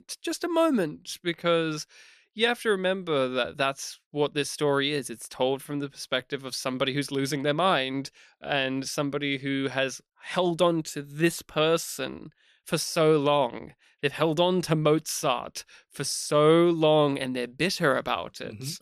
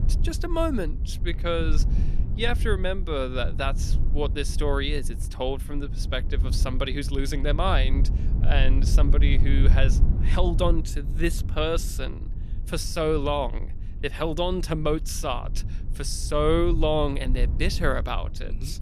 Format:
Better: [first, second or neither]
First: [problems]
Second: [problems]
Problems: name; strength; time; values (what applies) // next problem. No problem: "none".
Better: first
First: none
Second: low rumble; noticeable; throughout; 15 dB below the speech